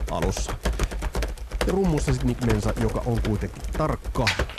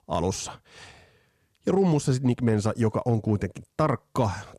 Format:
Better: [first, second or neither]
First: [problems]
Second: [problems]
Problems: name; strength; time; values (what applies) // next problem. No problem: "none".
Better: second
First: keyboard typing; loud; peak 2 dB above the speech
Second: none